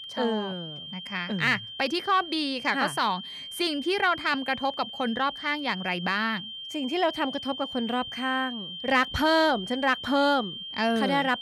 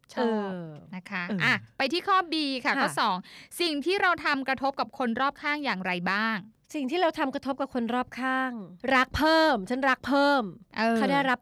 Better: second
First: high-pitched whine; loud; throughout; 3 kHz, 9 dB below the speech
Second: none

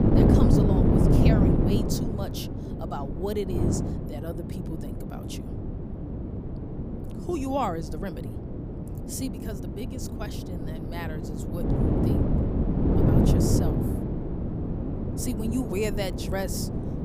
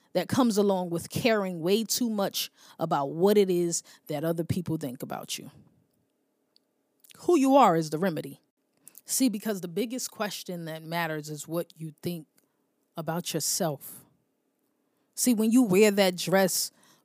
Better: second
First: wind noise on the microphone; heavy; 2 dB above the speech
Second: none

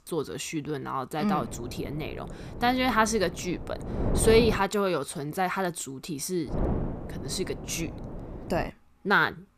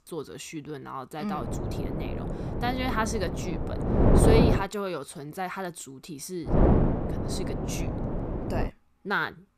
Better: first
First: wind noise on the microphone; occasional gusts; from 1.5 to 4.5 s and from 6.5 to 8.5 s; 10 dB below the speech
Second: wind noise on the microphone; heavy; from 1.5 to 4.5 s and from 6.5 to 8.5 s; 1 dB above the speech

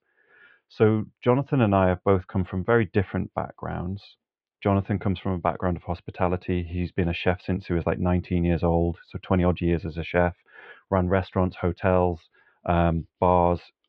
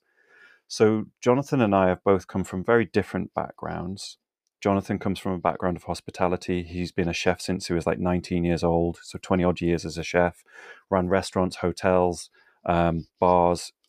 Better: second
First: muffled; very; fading above 3.5 kHz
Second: none

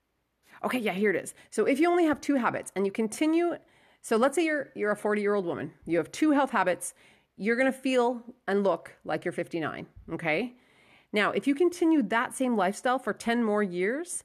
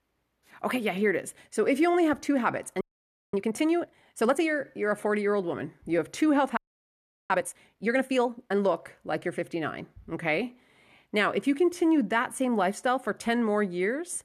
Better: first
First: none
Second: audio freezing; at 3 s for 0.5 s and at 6.5 s for 0.5 s

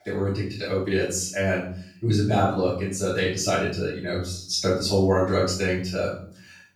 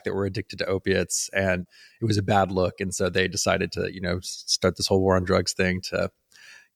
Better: second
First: off-mic speech; far // room echo; noticeable; dies away in 0.5 s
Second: none

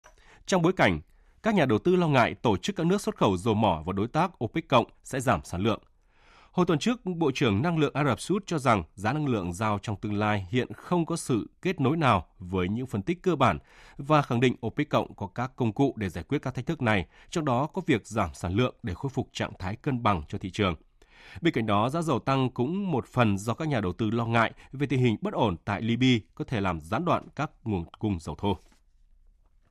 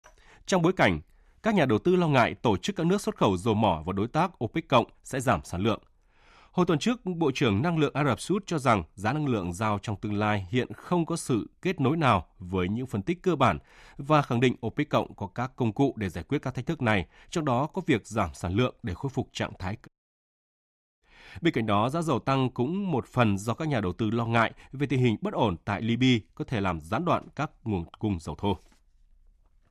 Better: first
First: none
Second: audio cutting out; at 20 s for 1 s

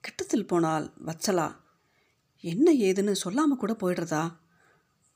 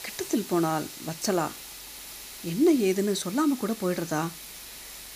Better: first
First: none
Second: hiss; noticeable; throughout; 10 dB below the speech

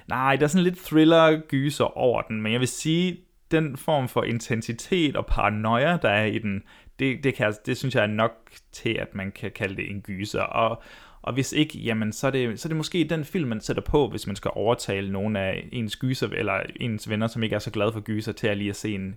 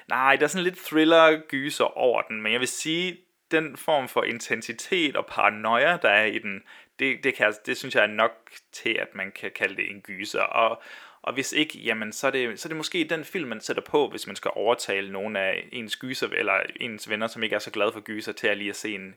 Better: first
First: none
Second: thin; somewhat; fading below 350 Hz

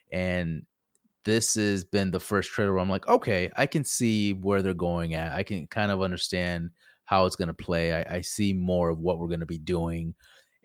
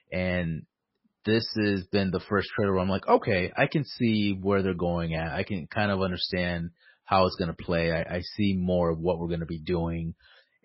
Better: first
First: none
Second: garbled, watery; badly; nothing above 5.5 kHz

